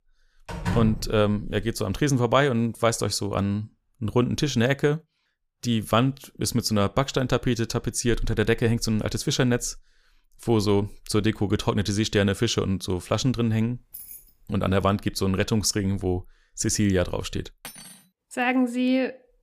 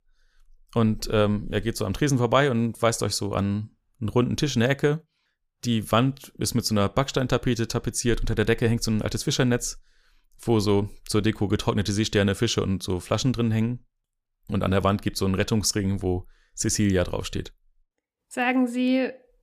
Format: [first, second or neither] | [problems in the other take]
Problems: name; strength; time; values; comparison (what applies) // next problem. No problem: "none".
second | door banging; noticeable; at 0.5 s; peak 4 dB below the speech // jangling keys; faint; at 14 s; peak 15 dB below the speech // clattering dishes; faint; at 18 s; peak 15 dB below the speech